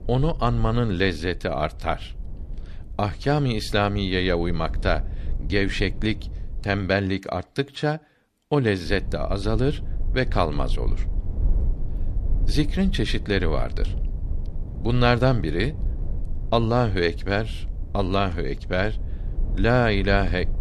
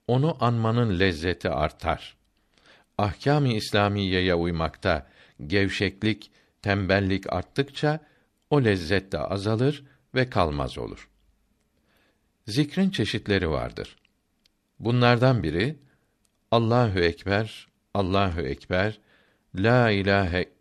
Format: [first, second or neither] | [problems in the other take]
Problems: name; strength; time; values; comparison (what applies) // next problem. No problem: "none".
second | low rumble; faint; until 7 s and from 9 s on; 20 dB below the speech